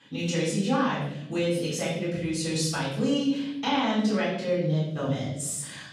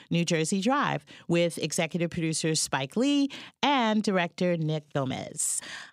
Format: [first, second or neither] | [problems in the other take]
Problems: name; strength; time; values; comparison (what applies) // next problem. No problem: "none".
second | off-mic speech; far // room echo; strong; dies away in 0.9 s